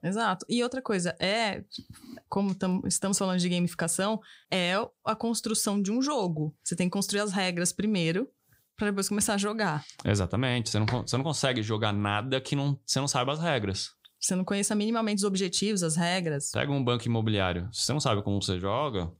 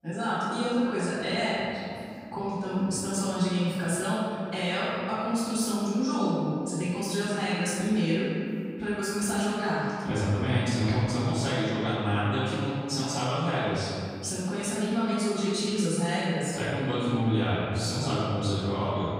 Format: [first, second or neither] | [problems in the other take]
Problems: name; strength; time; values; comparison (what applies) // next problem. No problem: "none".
first | room echo; strong; dies away in 2.2 s // off-mic speech; far